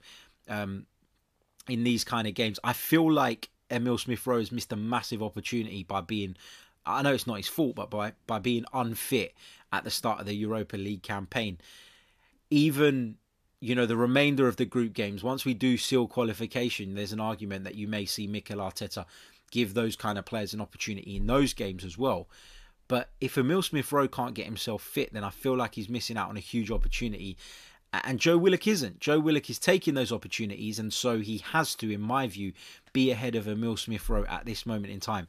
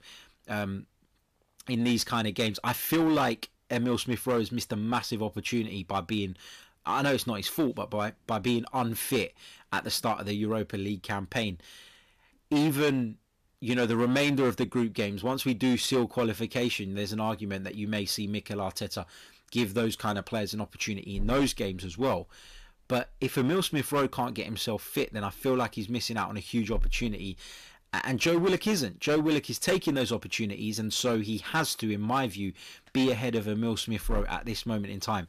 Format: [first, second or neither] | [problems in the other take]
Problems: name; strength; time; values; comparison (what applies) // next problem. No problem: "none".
first | distortion; slight; 6% of the sound clipped